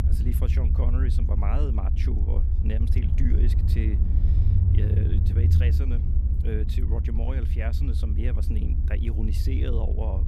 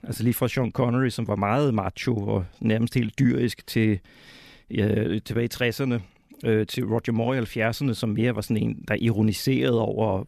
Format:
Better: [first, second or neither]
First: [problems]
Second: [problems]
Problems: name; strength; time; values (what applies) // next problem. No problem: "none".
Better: second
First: low rumble; loud; throughout; 2 dB below the speech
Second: none